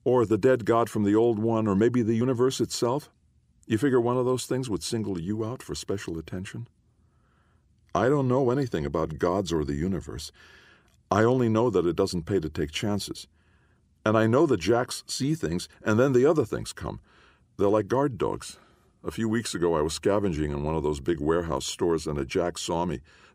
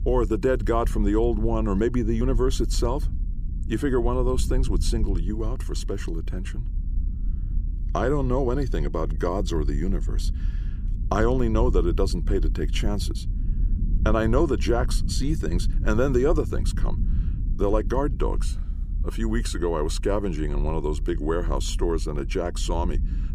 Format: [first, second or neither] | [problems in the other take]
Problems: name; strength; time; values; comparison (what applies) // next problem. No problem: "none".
first | low rumble; noticeable; throughout; 20 dB below the speech